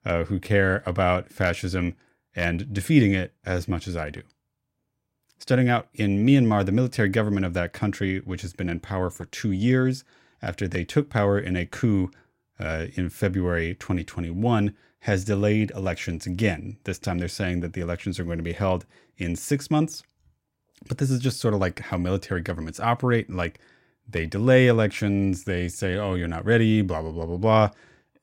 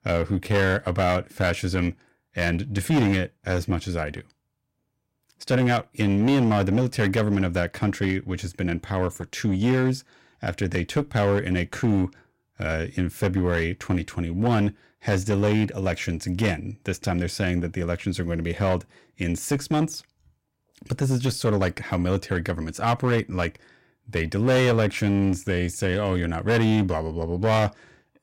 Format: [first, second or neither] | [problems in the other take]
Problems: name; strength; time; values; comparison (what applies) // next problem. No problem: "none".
first | distortion; slight; 10% of the sound clipped